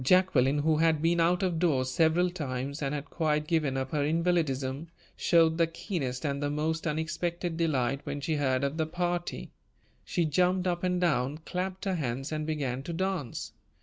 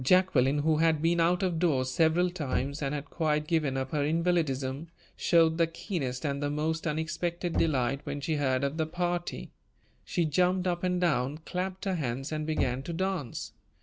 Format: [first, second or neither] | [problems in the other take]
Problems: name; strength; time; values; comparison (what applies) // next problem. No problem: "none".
first | background sound (Knock); 14 dB below the speech